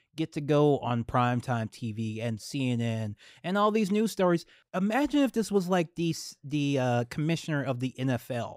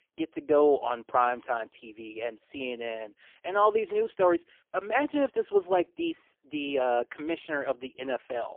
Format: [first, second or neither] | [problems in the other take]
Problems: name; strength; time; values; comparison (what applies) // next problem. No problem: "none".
first | phone-call audio; poor line; nothing above 3 kHz